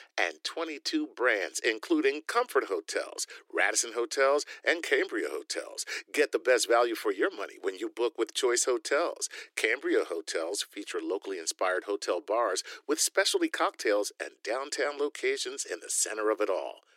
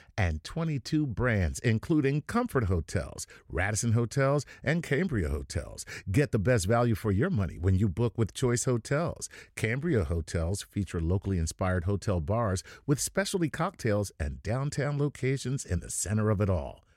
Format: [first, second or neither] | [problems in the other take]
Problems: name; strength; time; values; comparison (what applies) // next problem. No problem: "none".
second | thin; very; fading below 300 Hz